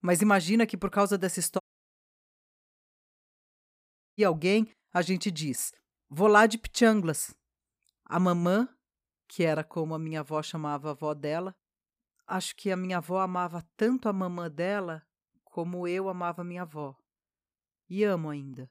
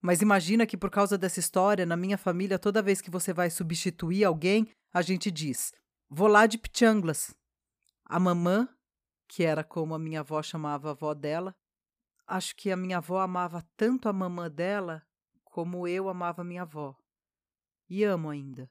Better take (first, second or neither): second